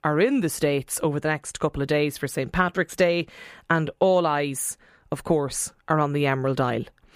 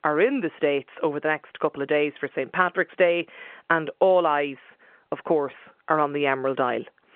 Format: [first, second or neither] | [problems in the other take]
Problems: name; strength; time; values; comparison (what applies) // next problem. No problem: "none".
first | phone-call audio